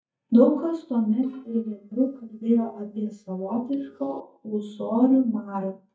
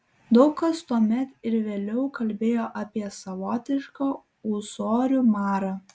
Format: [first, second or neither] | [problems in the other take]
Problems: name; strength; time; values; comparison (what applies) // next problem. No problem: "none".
second | noise reduction (neural mask model DeepFilterNet 3)